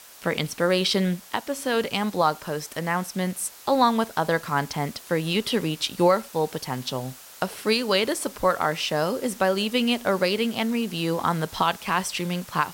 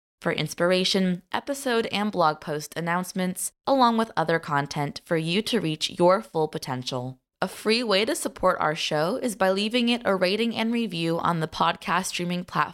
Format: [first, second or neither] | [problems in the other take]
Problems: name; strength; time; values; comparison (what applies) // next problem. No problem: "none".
second | hiss; noticeable; throughout; 20 dB below the speech